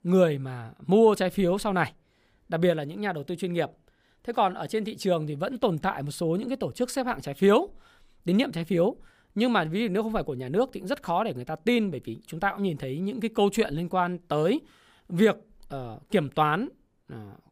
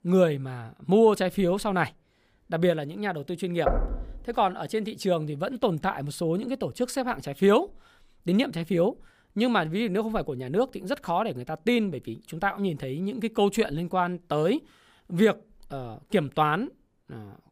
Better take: first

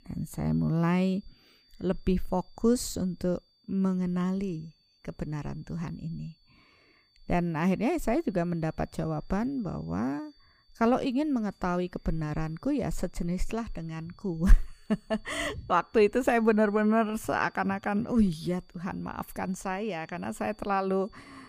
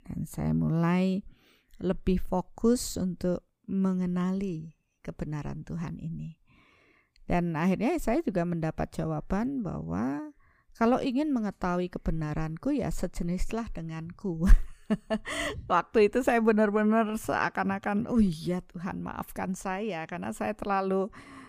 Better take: second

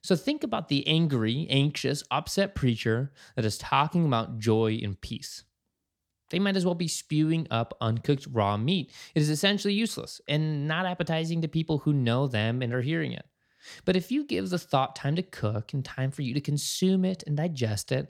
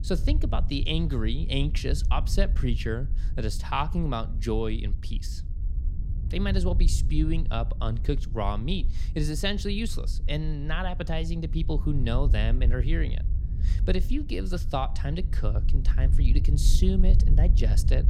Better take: first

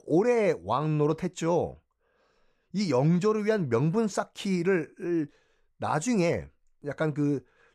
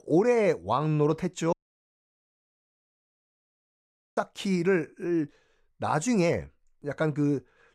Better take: first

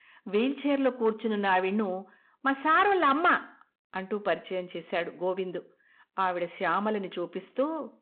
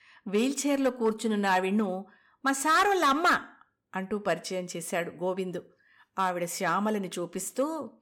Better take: second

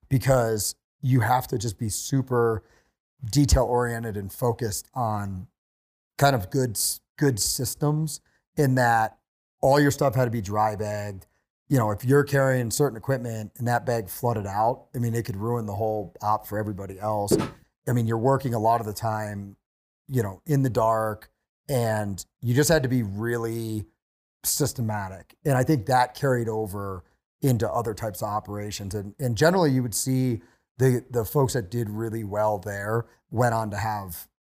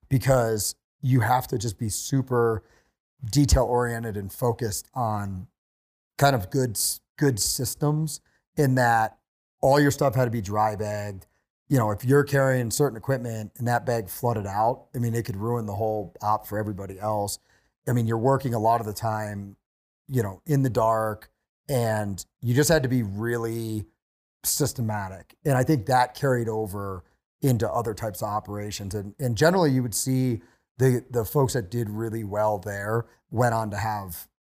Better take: second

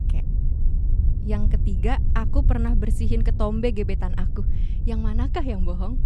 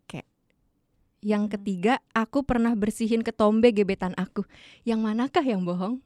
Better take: second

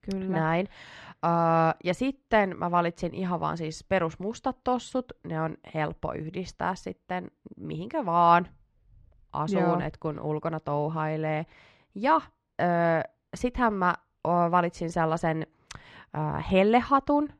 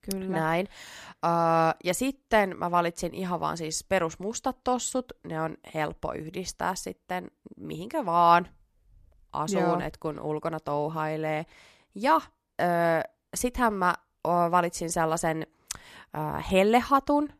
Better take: second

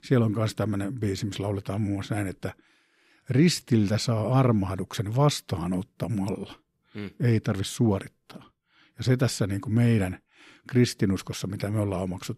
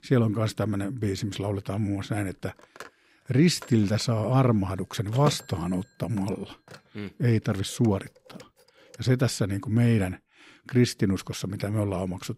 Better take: first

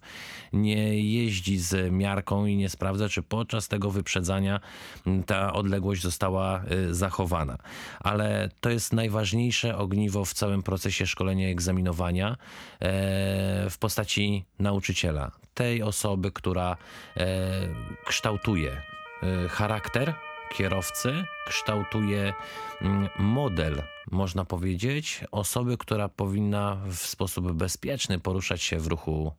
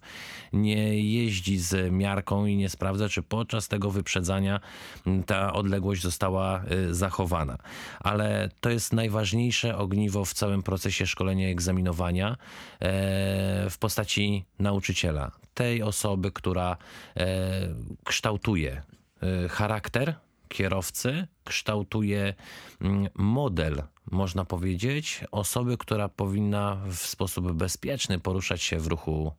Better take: second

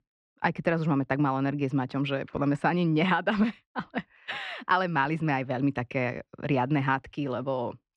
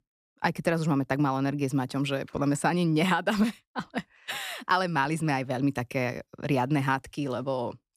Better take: second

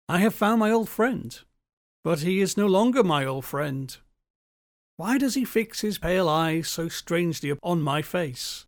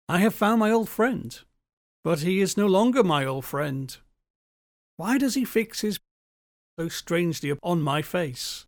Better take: first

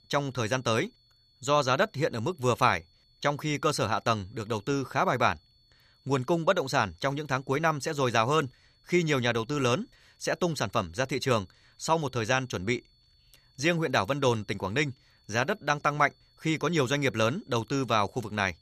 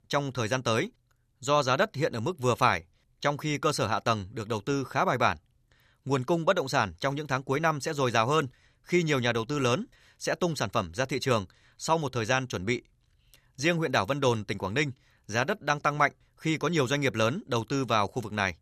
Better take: second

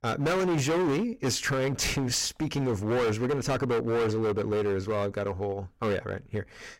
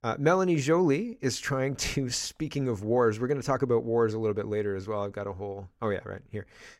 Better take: second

